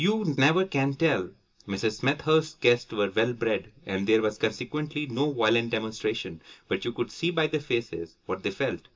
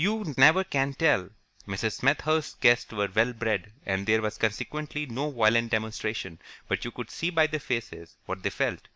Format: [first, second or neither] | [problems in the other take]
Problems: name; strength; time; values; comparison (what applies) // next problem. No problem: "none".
second | room echo; dies away in 0.2 s